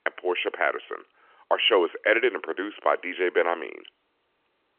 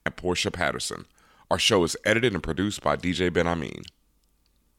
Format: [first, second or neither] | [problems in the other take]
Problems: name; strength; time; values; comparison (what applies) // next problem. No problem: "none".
second | phone-call audio; nothing above 3 kHz